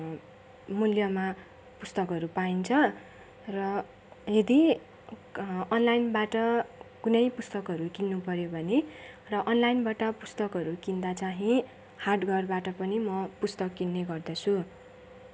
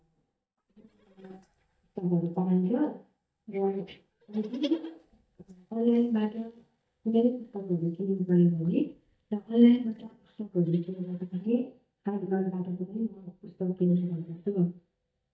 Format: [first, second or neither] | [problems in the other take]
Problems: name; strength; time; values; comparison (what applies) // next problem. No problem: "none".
first | noise reduction (neural mask model DeepFilterNet 3)